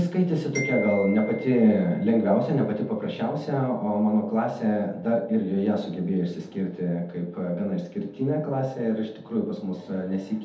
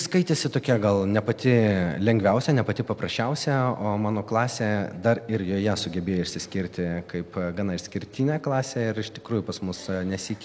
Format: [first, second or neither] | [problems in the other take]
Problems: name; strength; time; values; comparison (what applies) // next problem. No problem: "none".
second | background sound (Glockenspiel); 15 dB below the speech // room echo; dies away in 0.6 s